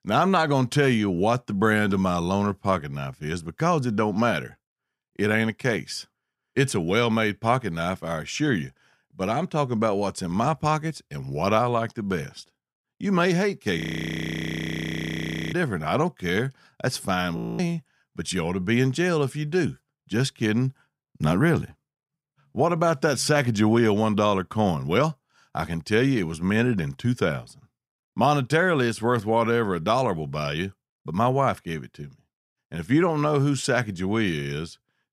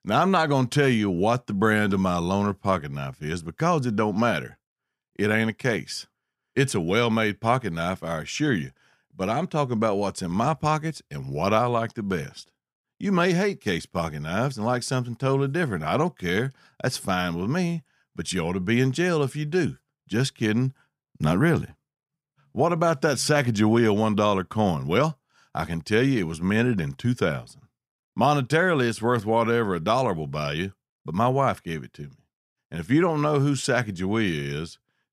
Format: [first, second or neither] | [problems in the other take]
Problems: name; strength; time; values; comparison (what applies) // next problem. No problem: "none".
second | audio freezing; at 14 s for 1.5 s and at 17 s